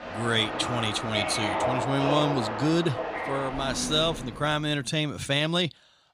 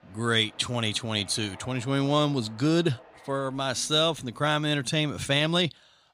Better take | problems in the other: second | train or aircraft noise; loud; until 4.5 s; 4 dB below the speech; faint in the second

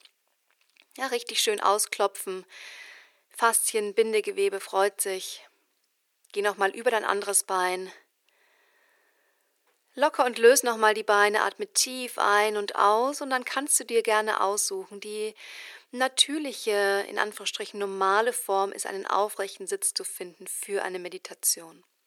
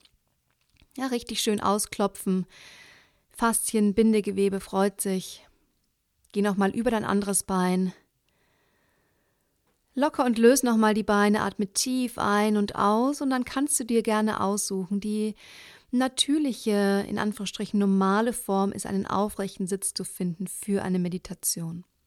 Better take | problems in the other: second | thin; very; fading below 400 Hz

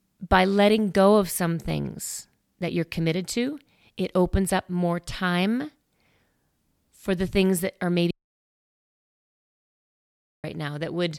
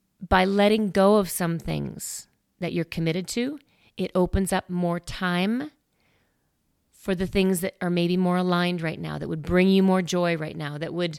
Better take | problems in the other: second | audio cutting out; at 8 s for 2.5 s

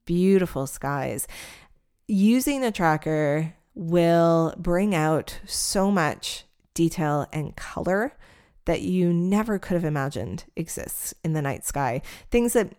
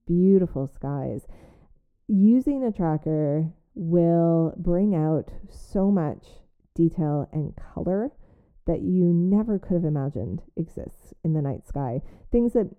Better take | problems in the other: first | muffled; very; fading above 1 kHz

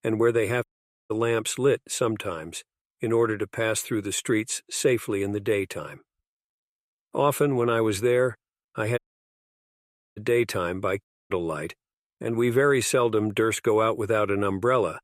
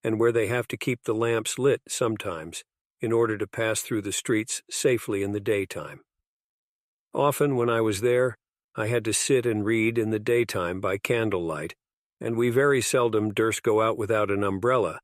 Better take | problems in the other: second | audio cutting out; at 0.5 s, at 9 s for 1 s and at 11 s

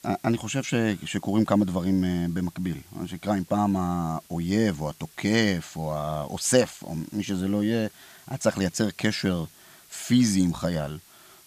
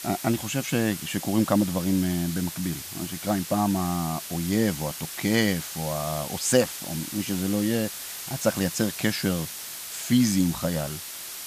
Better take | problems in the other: first | hiss; loud; throughout; 8 dB below the speech; faint in the first

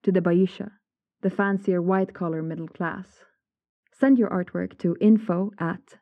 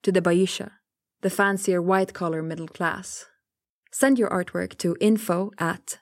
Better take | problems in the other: second | muffled; very; fading above 2 kHz

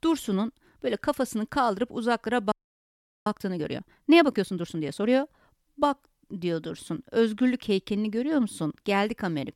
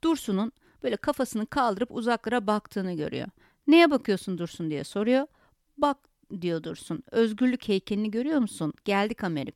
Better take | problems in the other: second | audio freezing; at 2.5 s for 0.5 s

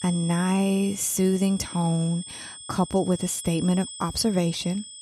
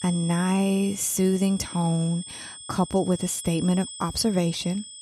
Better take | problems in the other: neither | high-pitched whine; noticeable; throughout; 8 kHz, 10 dB below the speech; the same in both

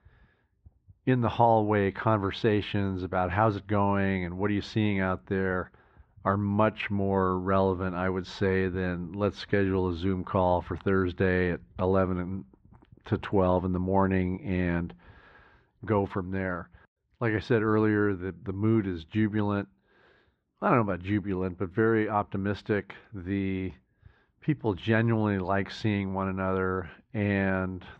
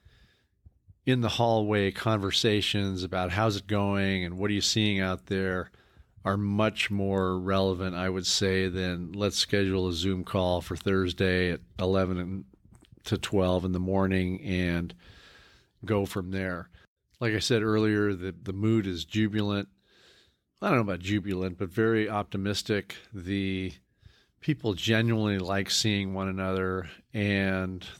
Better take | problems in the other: second | muffled; very; fading above 1.5 kHz

